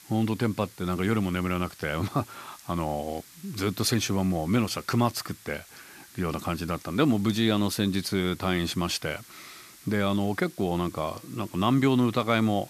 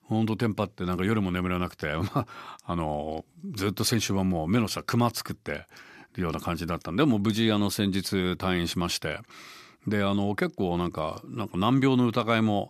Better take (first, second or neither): second